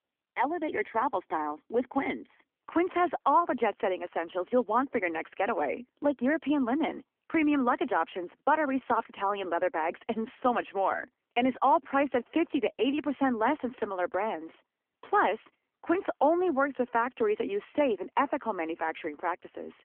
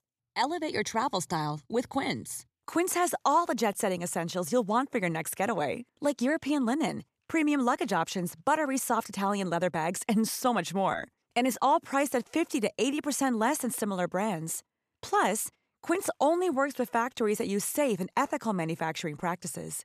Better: second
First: phone-call audio; nothing above 3 kHz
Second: none

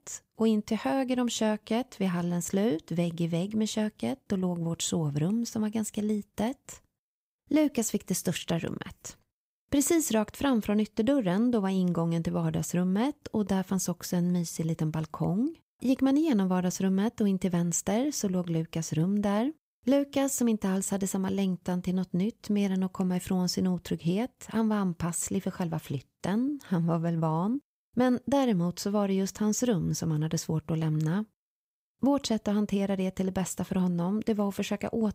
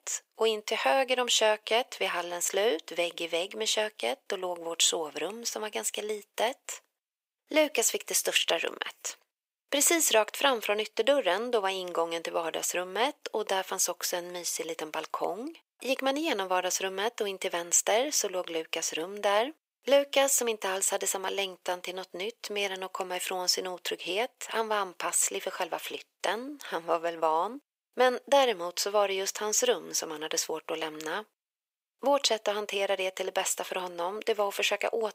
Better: first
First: none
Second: thin; very; fading below 450 Hz

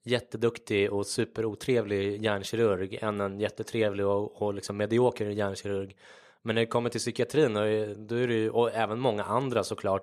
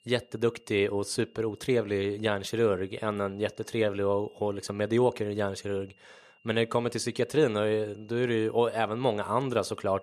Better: first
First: none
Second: high-pitched whine; faint; throughout; 3 kHz, 35 dB below the speech

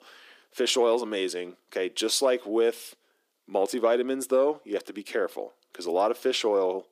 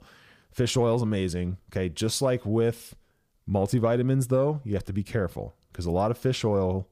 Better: second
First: thin; somewhat; fading below 300 Hz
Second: none

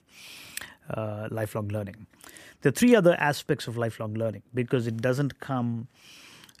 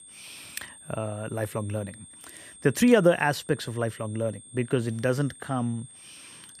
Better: first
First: none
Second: high-pitched whine; noticeable; throughout; 8.5 kHz, 20 dB below the speech

